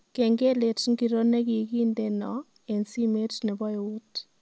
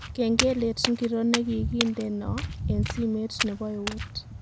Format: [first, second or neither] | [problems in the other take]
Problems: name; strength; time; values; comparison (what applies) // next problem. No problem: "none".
first | background sound (Walk, footsteps); 4 dB below the speech